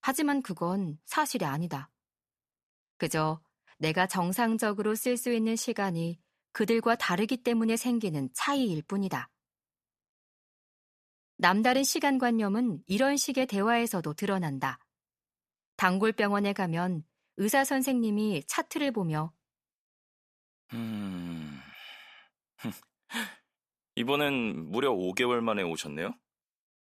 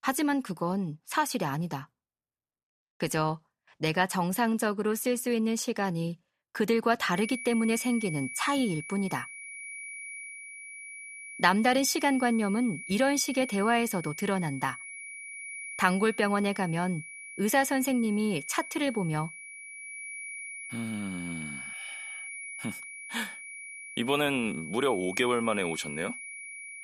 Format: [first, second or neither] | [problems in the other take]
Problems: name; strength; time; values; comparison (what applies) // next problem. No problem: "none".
first | high-pitched whine; noticeable; from 7 s on; 2.5 kHz, 10 dB below the speech